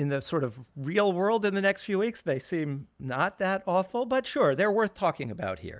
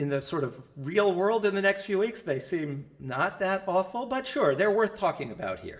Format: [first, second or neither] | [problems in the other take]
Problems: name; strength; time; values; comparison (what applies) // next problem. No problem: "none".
first | room echo; dies away in 1 s